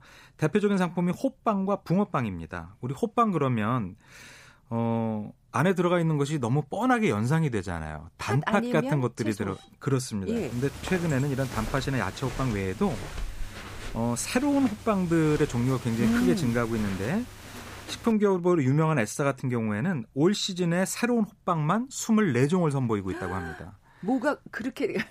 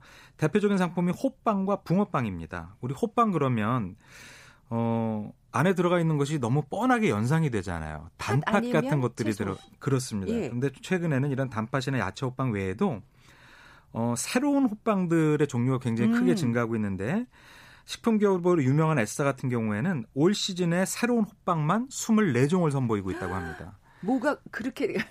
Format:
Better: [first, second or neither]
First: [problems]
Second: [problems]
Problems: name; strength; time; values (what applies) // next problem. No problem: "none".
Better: second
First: footsteps; noticeable; from 10 to 18 s; peak 9 dB below the speech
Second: none